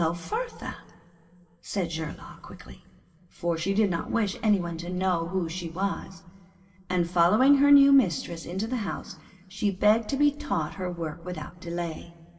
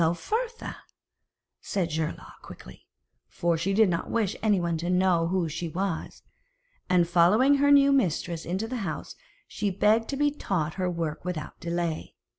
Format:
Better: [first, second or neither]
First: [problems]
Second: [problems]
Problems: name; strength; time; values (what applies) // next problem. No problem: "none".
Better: second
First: room echo; dies away in 1.9 s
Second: none